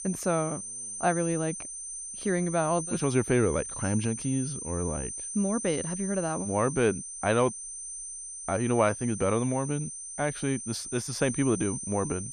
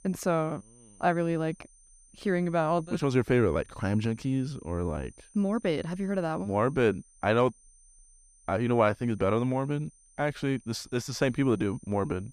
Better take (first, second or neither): second